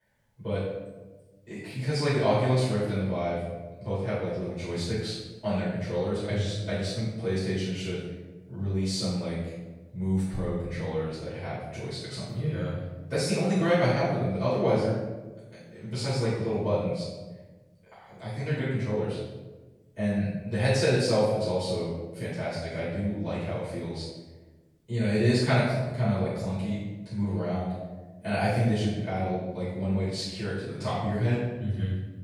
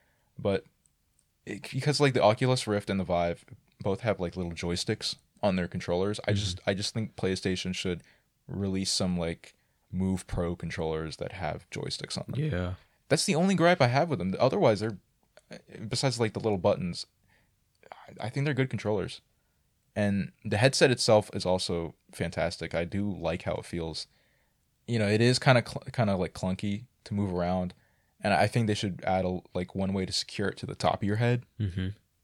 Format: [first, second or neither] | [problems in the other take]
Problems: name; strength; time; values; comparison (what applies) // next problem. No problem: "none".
second | off-mic speech; far // room echo; strong; dies away in 1 s